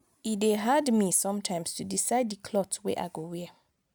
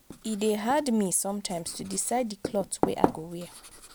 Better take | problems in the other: first | background sound (Writing); 5 dB below the speech

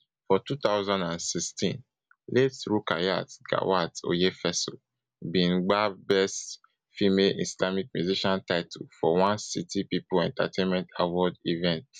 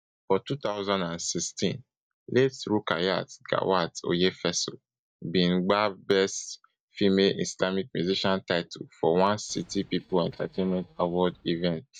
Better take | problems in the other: first | noise reduction (neural mask model DeepFilterNet 3)

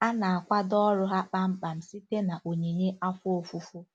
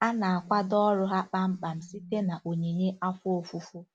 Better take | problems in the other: first | background sound (Telephone); 19 dB below the speech

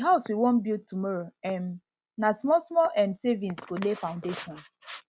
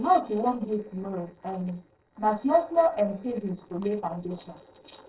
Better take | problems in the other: first | noise reduction (neural separator model SepFormer DNS4)

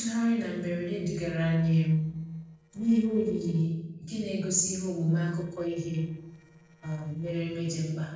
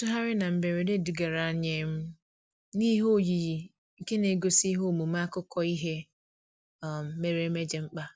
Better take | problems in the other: second | noise reduction (neural separator model SepFormer DNS4)

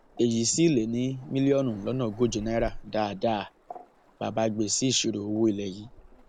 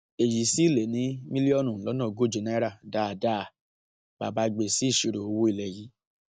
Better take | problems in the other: second | background sound (Waves, surf); 19 dB below the speech

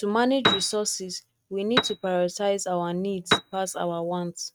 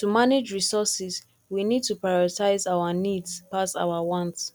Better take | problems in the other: second | noise reduction (neural mask model RNNoise)

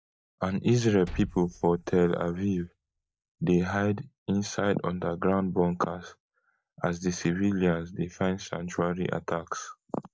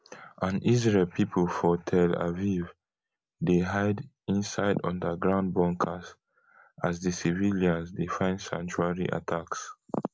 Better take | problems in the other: second | noise reduction (neural mask model DeepFilterNet 3)

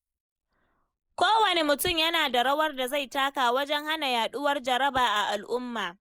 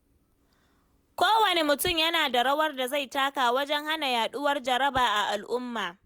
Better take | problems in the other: second | noise reduction (neural mask model Resemble Enhance denoiser)

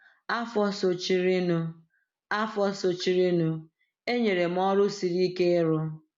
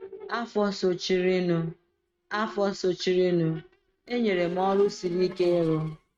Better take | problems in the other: first | noise reduction (neural mask model RNNoise)

